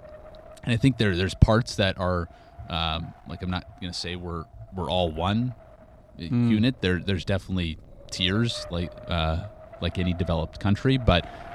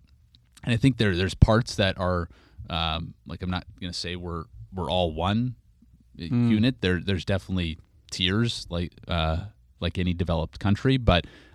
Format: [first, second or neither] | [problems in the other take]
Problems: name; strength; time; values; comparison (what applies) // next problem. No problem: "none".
second | wind noise on the microphone; occasional gusts; 20 dB below the speech